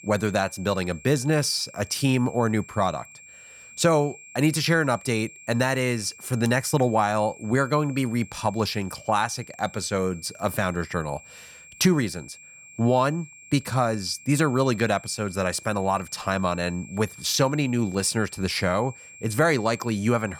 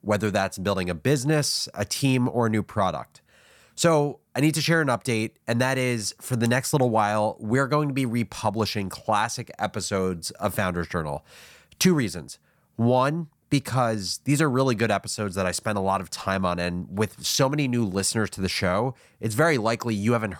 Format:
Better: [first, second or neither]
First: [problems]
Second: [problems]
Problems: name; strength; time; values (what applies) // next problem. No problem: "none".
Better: second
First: high-pitched whine; noticeable; throughout; 2.5 kHz, 20 dB below the speech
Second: none